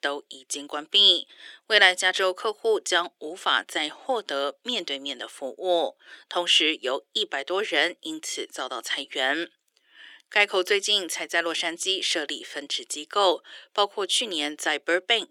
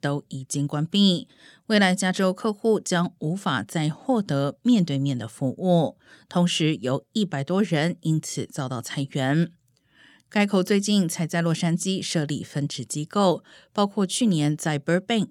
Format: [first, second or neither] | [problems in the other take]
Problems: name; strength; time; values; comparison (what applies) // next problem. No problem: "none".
second | thin; very; fading below 350 Hz